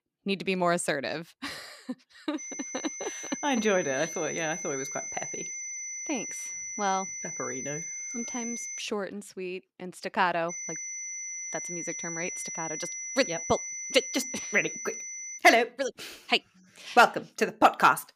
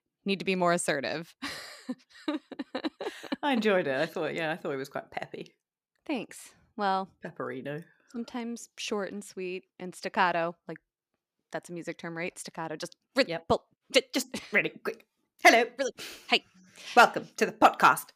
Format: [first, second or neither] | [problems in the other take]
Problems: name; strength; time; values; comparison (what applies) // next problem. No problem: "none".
second | high-pitched whine; loud; from 2.5 to 9 s and from 11 to 15 s; 6 kHz, 6 dB below the speech